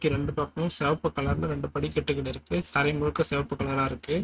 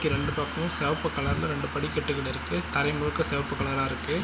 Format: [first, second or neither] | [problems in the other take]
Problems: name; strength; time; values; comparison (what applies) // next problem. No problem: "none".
second | noise reduction (neural mask model RNNoise)